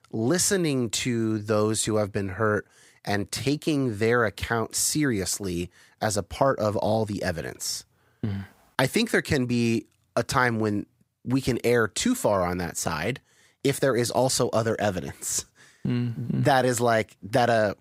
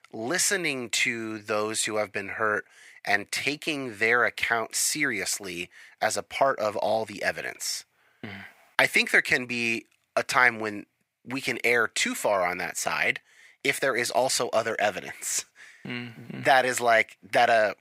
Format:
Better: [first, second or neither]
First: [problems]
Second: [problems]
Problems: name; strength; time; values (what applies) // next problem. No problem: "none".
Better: first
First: none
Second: thin; somewhat; fading below 1 kHz